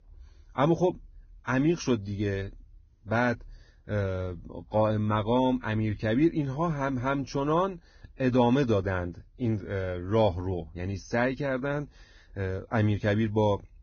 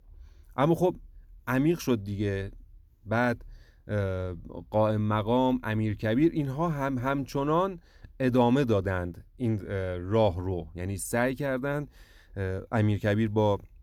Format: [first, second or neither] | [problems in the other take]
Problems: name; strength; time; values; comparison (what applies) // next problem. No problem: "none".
second | garbled, watery; badly; nothing above 6.5 kHz